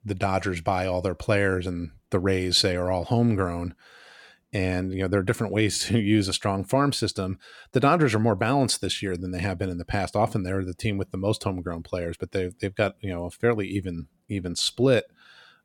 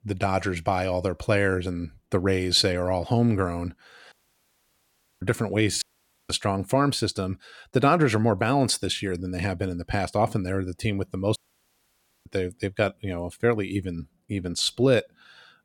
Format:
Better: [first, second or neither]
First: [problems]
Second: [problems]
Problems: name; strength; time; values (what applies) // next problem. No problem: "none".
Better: first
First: none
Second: audio cutting out; at 4 s for 1 s, at 6 s and at 11 s for 1 s